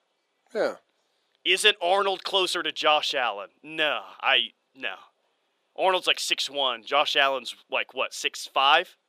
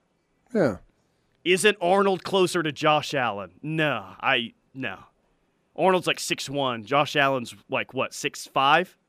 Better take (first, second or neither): second